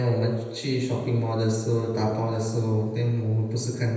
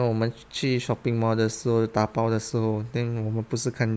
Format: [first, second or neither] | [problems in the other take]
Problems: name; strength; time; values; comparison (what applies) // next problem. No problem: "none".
second | room echo; dies away in 1.1 s